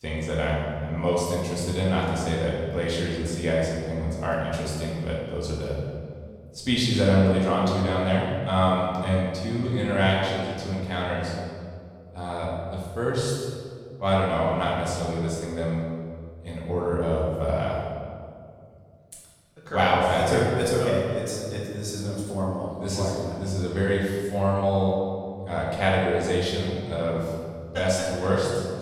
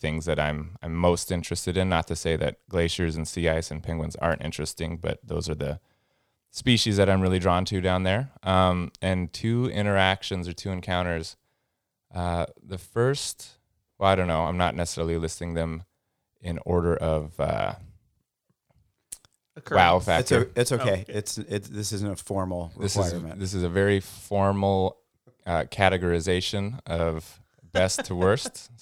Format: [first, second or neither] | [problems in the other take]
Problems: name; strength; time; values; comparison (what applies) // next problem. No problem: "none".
second | room echo; noticeable; dies away in 1.7 s // off-mic speech; far